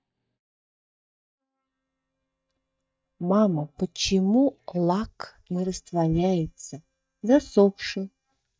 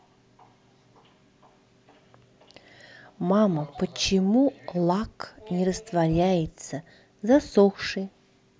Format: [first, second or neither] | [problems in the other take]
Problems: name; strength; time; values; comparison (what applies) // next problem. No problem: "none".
second | noise reduction (neural mask model DeepFilterNet 3)